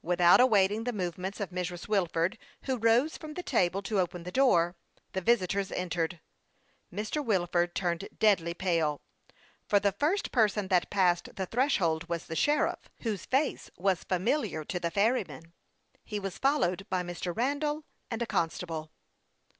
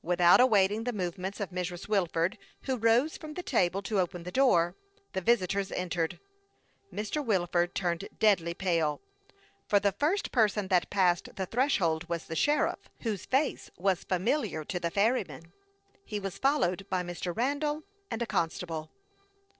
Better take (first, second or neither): first